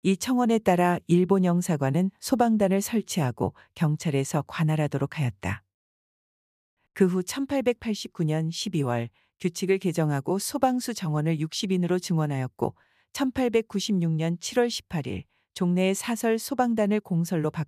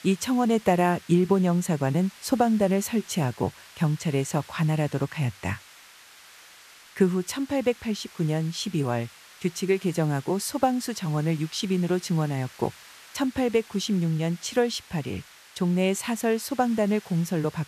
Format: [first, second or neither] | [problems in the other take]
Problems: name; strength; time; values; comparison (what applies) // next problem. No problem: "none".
first | hiss; faint; throughout; 20 dB below the speech